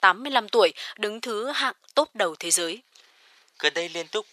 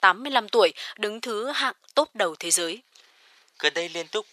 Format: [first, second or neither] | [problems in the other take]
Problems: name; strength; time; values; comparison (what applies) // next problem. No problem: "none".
neither | thin; very; fading below 550 Hz; the same in both